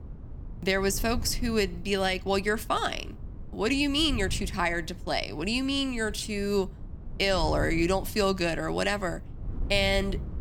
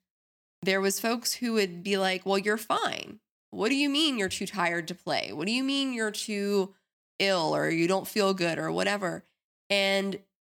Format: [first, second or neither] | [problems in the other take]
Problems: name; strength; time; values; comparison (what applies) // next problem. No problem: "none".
second | wind noise on the microphone; occasional gusts; 25 dB below the speech